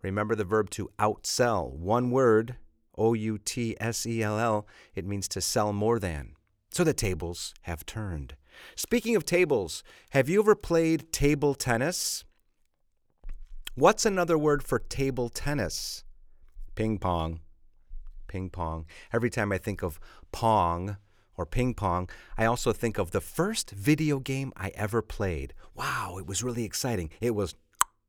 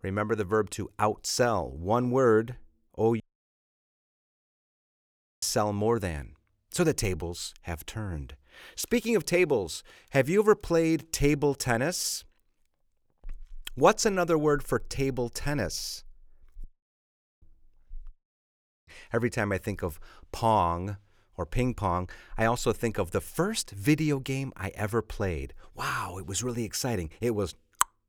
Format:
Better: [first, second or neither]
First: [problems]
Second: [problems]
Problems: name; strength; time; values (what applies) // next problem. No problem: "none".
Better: first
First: none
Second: audio cutting out; at 3 s for 2 s, at 17 s for 1 s and at 18 s for 1 s